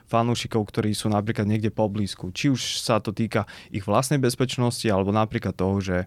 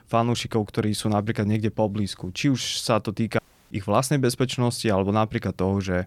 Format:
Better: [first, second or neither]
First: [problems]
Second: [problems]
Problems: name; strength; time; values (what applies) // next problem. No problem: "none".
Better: first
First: none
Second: audio cutting out; at 3.5 s